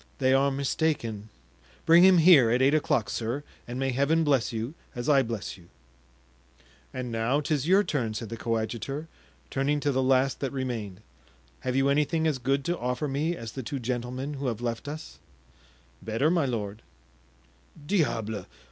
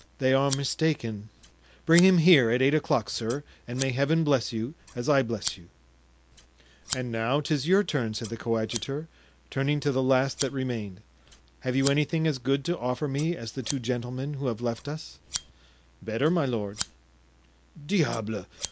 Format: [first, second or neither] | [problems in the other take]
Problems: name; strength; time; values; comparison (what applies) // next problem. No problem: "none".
first | background sound (Scissors); 16 dB below the speech